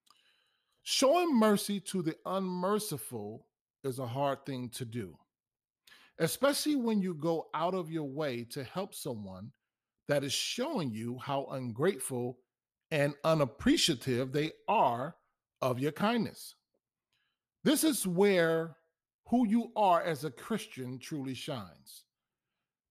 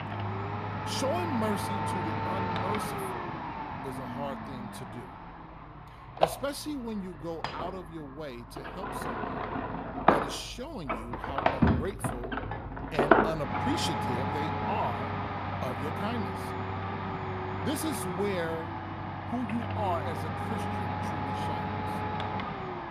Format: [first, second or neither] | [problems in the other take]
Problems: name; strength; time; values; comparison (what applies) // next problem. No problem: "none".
first | household noises; very loud; throughout; 5 dB above the speech